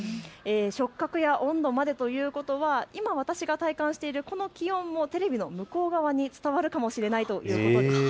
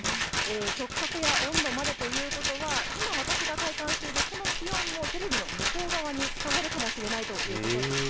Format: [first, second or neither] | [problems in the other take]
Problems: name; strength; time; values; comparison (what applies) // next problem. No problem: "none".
first | background sound (Rattle); 5 dB above the speech